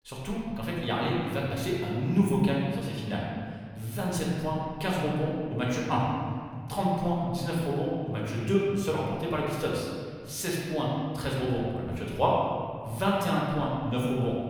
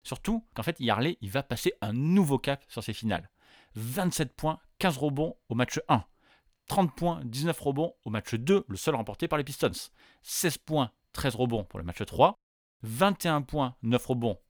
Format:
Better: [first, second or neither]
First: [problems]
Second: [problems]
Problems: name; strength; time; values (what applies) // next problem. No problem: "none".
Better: second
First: room echo; noticeable; dies away in 2 s // off-mic speech; far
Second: none